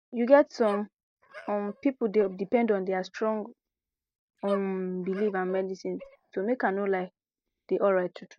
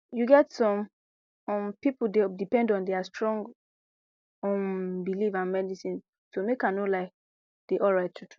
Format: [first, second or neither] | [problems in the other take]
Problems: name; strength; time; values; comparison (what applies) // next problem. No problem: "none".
second | noise reduction (neural mask model DeepFilterNet 3)